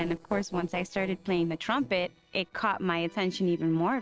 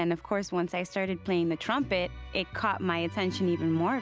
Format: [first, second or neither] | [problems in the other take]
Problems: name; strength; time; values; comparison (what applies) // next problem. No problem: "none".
second | noise reduction (neural separator model SepFormer DNS4)